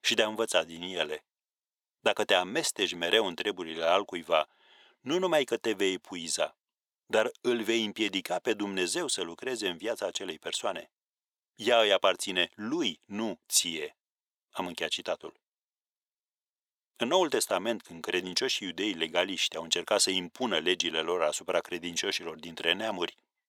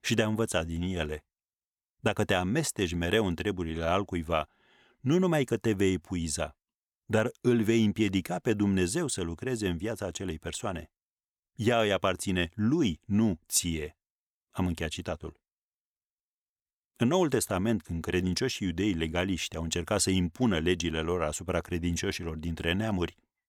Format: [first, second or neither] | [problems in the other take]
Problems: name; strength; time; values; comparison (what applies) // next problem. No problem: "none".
second | thin; somewhat; fading below 450 Hz